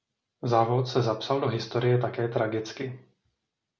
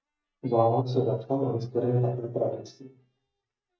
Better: first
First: none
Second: noise reduction (neural mask model DeepFilterNet 3)

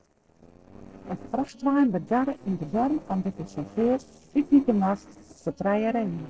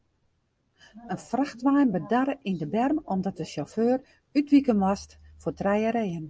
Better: second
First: noise reduction (neural separator model SepFormer DNS4)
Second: none

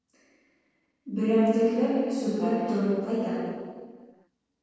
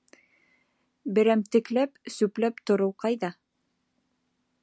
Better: second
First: noise reduction (neural separator model SepFormer DNS4)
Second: none

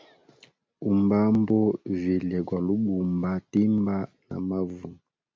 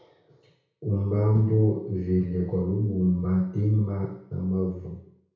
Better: first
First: none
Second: room echo; dies away in 0.6 s

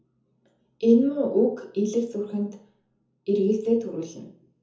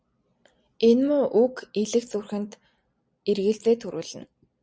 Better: second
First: room echo; dies away in 0.5 s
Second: none

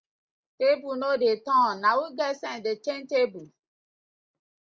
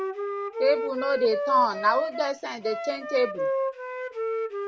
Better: first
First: none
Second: background sound (Wind instrument, woodwind instrument); 3 dB below the speech

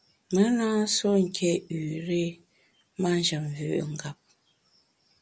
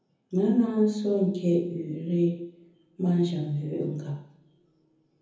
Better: first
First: none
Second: room echo; dies away in 0.7 s

